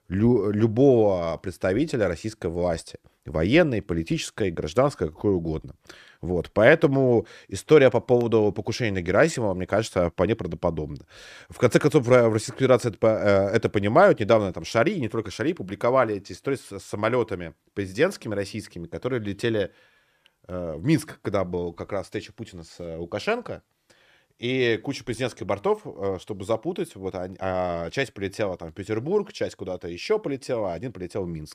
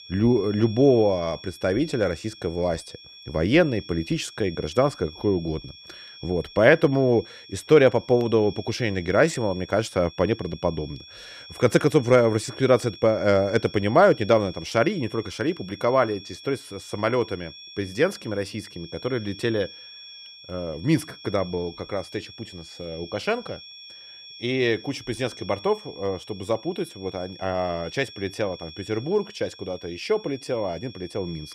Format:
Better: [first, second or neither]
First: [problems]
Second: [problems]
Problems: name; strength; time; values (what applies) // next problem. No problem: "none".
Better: first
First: none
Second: high-pitched whine; noticeable; throughout; 3.5 kHz, 20 dB below the speech